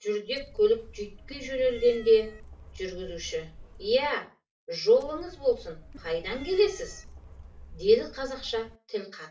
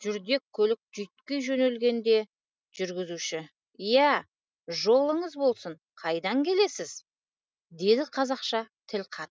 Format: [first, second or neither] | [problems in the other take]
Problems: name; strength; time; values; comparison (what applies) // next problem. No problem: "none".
second | background sound (Cat); 17 dB below the speech // room echo; dies away in 0.3 s